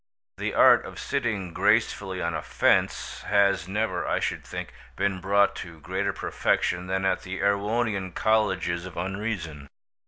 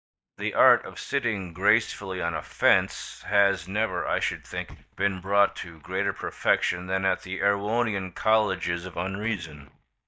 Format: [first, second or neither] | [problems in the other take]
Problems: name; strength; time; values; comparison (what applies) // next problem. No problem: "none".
first | noise reduction (neural mask model DeepFilterNet 3)